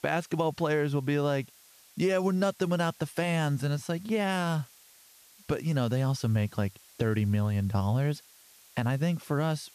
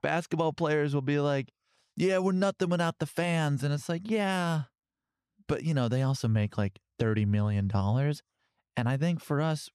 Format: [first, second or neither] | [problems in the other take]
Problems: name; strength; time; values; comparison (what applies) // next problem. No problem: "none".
second | hiss; faint; throughout; 25 dB below the speech